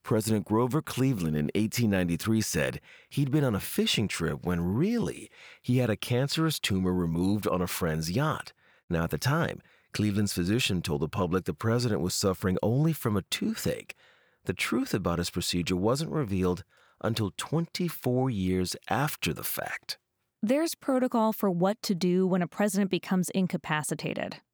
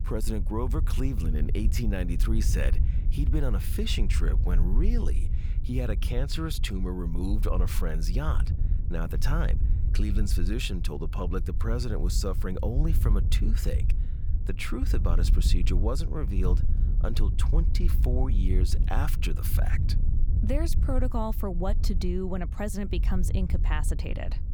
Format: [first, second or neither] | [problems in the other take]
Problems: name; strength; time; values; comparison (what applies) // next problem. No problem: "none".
first | wind noise on the microphone; occasional gusts; 10 dB below the speech